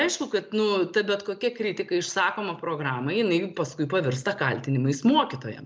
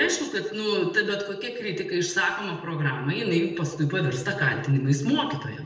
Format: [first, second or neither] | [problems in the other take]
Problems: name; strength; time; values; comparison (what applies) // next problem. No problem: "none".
first | room echo; dies away in 0.8 s